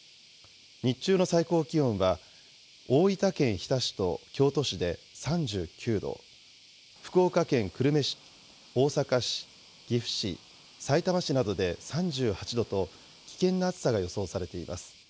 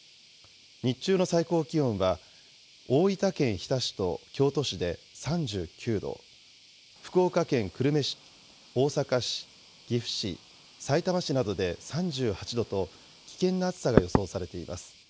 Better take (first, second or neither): first